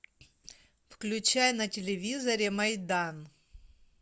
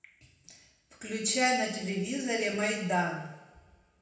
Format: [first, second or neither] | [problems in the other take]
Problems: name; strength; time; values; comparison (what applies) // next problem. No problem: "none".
first | room echo; dies away in 0.8 s